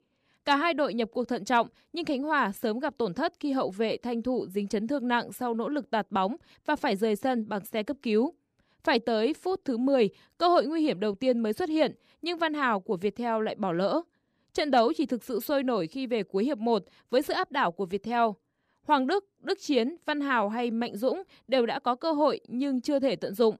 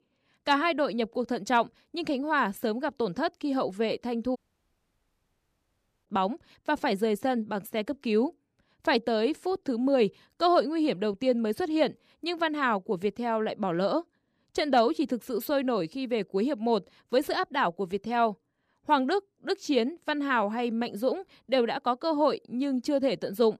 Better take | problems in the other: first | audio cutting out; at 4.5 s for 1.5 s

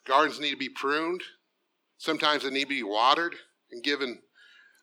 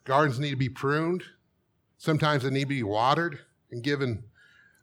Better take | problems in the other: second | thin; somewhat; fading below 250 Hz

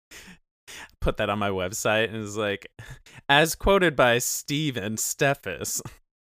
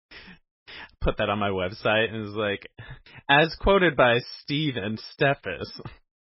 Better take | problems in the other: first | garbled, watery; badly; nothing above 5.5 kHz

